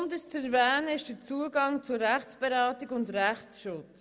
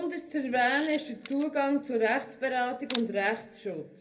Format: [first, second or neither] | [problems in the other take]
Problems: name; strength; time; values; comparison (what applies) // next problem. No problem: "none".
first | background sound (Camera); 18 dB below the speech // room echo; dies away in 0.3 s